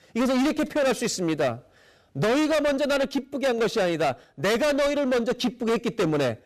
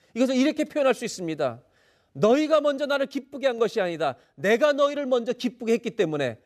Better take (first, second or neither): second